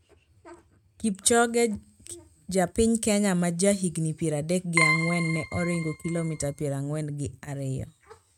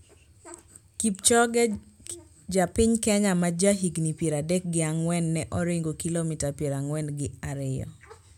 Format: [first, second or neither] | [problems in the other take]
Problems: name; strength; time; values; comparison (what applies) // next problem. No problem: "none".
second | noise reduction (neural mask model RNNoise)